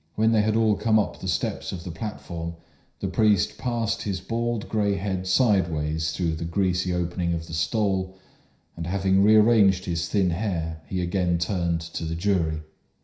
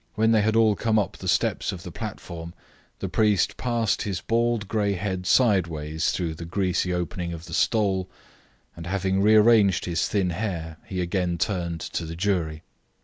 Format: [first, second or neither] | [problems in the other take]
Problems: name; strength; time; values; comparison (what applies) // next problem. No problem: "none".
second | room echo; dies away in 0.5 s